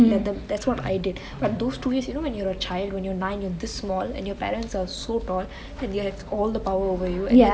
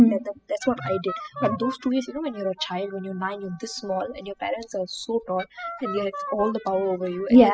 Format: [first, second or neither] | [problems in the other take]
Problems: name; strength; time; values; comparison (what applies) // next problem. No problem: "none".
first | noise reduction (classical method spectral subtraction)